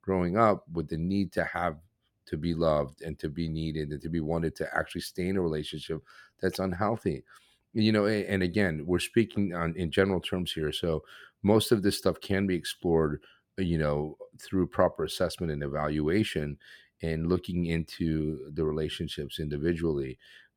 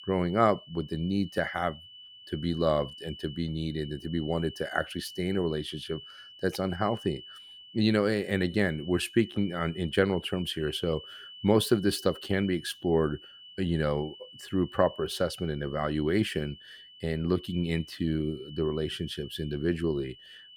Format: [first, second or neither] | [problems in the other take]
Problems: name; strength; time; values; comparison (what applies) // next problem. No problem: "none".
first | high-pitched whine; noticeable; throughout; 3 kHz, 15 dB below the speech